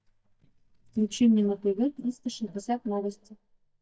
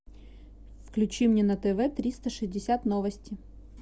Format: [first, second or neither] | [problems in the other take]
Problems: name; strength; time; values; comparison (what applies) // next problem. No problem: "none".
second | noise reduction (neural mask model DeepFilterNet 3)